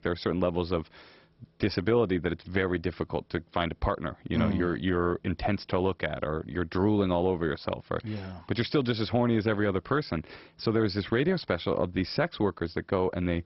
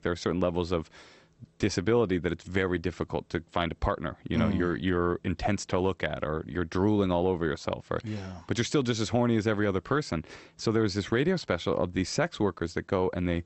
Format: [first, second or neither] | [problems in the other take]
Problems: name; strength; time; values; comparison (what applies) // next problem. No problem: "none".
second | garbled, watery; badly; nothing above 5.5 kHz; slightly in the second